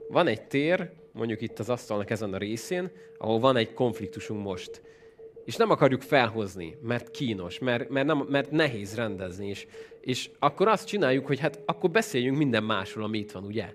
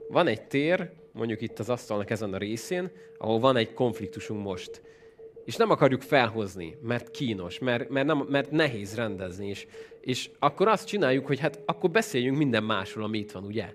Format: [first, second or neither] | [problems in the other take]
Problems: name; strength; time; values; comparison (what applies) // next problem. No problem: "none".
neither | alarms or sirens; noticeable; throughout; 20 dB below the speech; the same in both